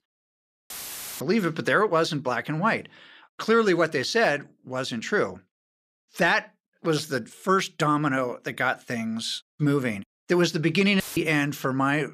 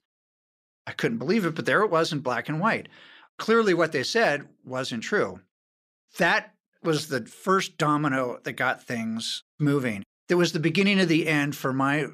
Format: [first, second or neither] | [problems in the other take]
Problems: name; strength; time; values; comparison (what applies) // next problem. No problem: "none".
second | audio cutting out; filled with static; at 0.5 s for 0.5 s and at 11 s